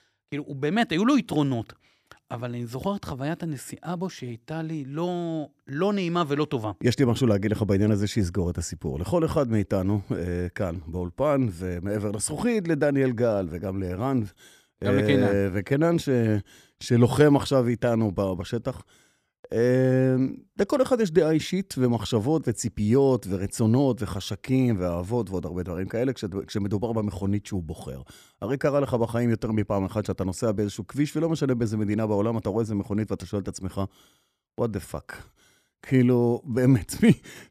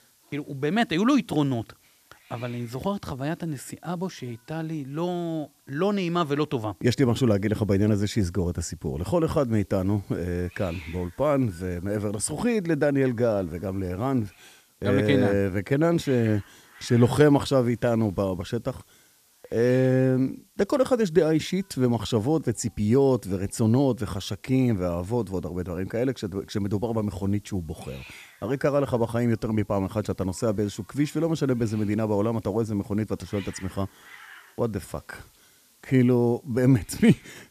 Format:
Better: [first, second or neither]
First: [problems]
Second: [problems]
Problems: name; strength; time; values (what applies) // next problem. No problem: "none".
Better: first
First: none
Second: hiss; faint; throughout; 25 dB below the speech